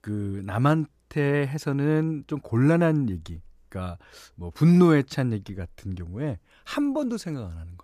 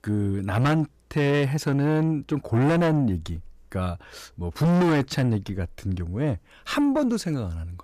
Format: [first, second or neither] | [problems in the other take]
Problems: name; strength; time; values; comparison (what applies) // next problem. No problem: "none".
first | distortion; heavy; 6 dB below the speech